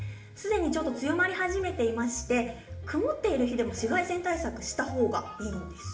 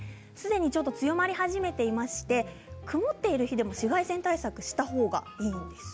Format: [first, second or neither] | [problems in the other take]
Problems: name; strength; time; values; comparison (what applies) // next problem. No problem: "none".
second | room echo; dies away in 0.5 s